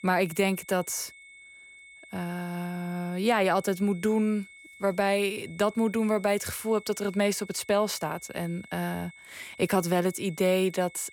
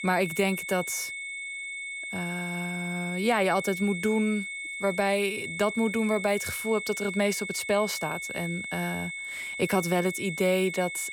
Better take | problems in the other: first | high-pitched whine; loud; throughout; 2 kHz, 6 dB below the speech; faint in the first

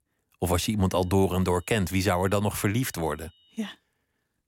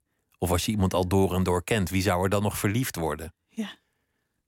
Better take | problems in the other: second | high-pitched whine; faint; from 1 to 3.5 s; 3 kHz, 35 dB below the speech

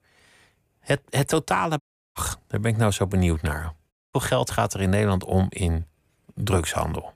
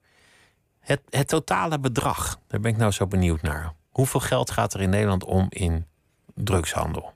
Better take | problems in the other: second | audio cutting out; at 2 s and at 4 s

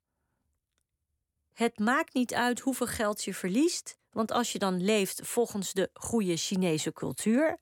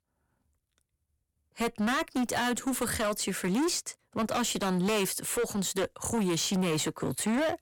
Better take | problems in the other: first | distortion; heavy; 18% of the sound clipped

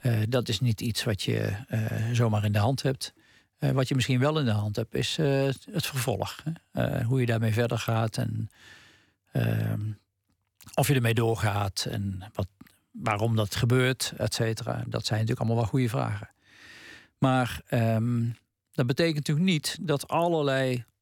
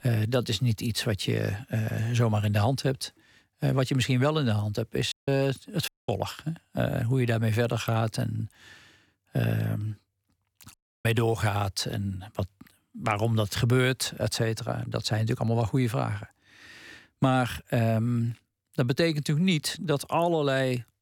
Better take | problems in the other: first | audio cutting out; at 5 s, at 6 s and at 11 s

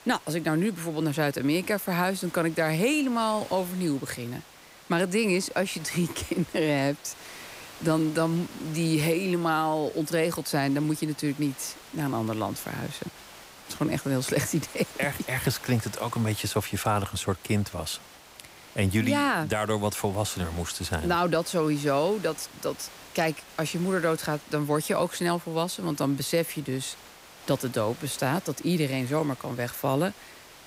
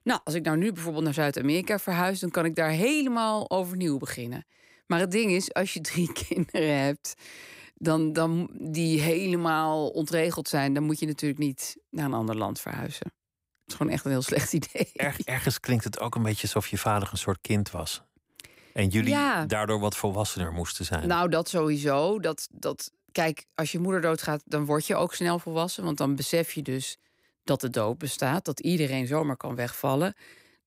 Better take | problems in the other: second | hiss; noticeable; throughout; 20 dB below the speech

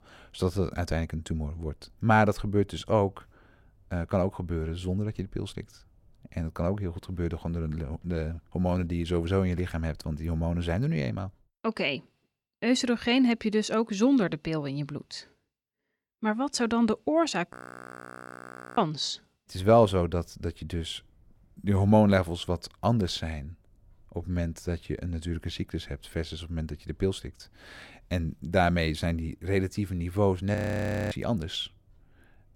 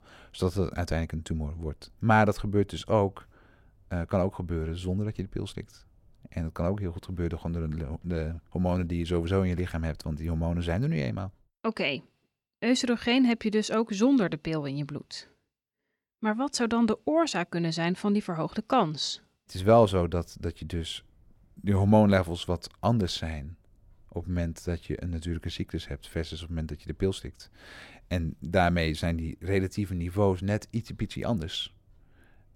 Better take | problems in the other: second | audio freezing; at 18 s for 1 s and at 31 s for 0.5 s

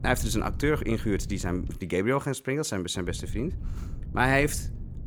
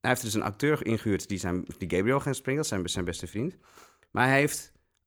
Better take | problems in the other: second | low rumble; faint; until 2 s and from 3 s on; 20 dB below the speech

